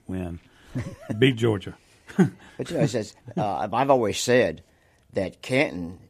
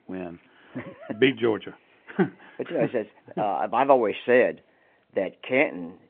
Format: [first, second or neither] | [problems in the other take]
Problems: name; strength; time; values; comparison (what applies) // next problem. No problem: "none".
first | phone-call audio; nothing above 3 kHz